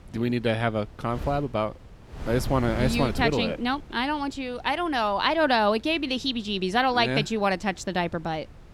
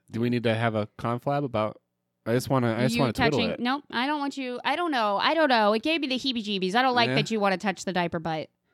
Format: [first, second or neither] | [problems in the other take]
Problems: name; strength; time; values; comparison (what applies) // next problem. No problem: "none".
second | wind noise on the microphone; occasional gusts; 20 dB below the speech